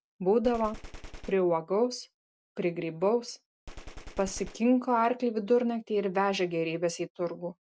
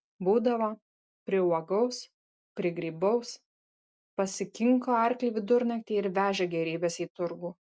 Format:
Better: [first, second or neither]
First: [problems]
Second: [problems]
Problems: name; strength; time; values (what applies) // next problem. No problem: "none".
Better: second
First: background sound (Gunshot, gunfire); 16 dB below the speech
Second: none